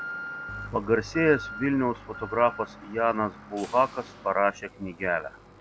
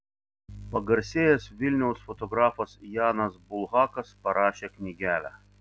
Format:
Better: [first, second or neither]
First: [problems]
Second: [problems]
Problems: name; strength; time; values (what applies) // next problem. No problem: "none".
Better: second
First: background sound (Alarm); 14 dB below the speech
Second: none